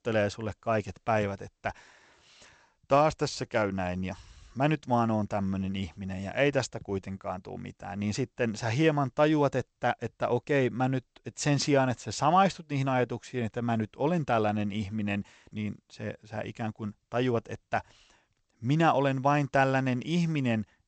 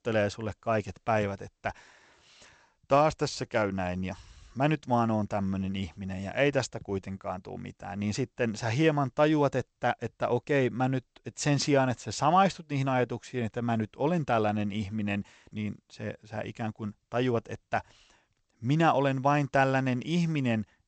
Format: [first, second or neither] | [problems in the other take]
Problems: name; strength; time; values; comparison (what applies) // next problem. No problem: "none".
neither | garbled, watery; slightly; nothing above 8 kHz; the same in both